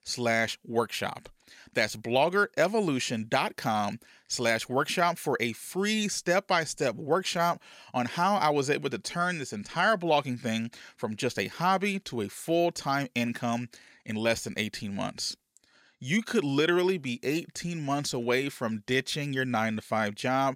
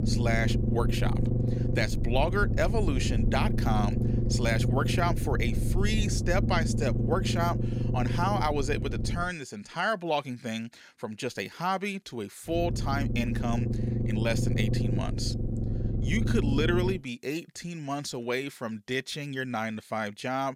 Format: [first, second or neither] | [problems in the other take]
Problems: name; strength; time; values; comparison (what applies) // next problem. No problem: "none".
first | low rumble; loud; until 9.5 s and from 13 to 17 s; 7 dB below the speech